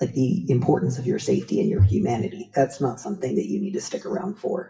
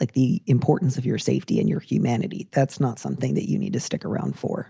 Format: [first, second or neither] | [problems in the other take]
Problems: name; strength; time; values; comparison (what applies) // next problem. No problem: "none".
second | noise reduction (classical method WPE with log-MMSE)